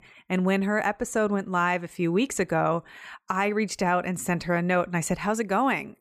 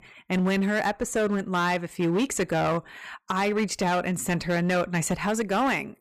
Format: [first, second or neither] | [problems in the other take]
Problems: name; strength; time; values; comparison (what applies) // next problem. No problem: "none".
first | distortion; slight; 12% of the sound clipped